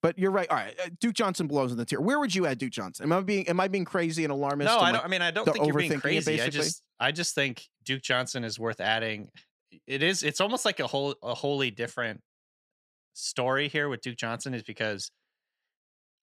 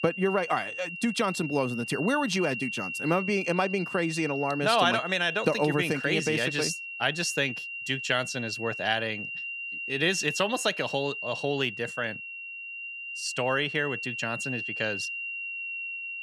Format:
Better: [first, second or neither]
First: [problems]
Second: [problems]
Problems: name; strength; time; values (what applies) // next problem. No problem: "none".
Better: first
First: none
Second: high-pitched whine; loud; throughout; 2.5 kHz, 6 dB below the speech